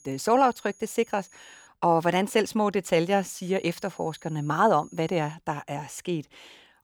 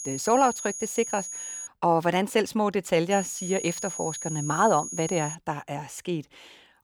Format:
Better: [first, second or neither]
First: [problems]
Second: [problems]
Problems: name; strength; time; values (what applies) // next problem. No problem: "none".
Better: first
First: high-pitched whine; faint; until 1.5 s and from 3 to 5.5 s; 6.5 kHz, 25 dB below the speech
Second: high-pitched whine; loud; until 1.5 s and from 3 to 5.5 s; 6.5 kHz, 7 dB below the speech